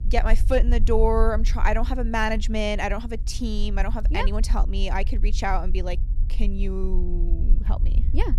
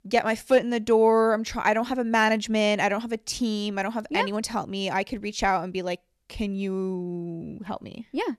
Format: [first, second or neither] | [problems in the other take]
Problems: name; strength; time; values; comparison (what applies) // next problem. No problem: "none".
second | low rumble; faint; throughout; 20 dB below the speech